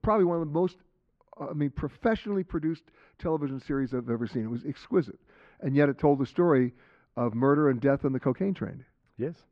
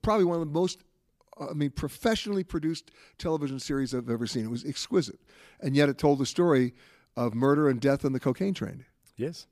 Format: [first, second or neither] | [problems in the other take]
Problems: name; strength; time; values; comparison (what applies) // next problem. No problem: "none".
second | muffled; very; fading above 1.5 kHz